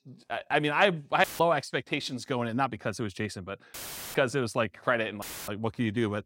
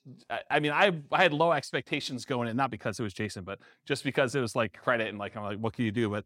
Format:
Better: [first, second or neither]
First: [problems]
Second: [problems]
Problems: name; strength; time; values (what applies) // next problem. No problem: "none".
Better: second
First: audio cutting out; filled with static; at 1 s, at 3.5 s and at 5 s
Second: none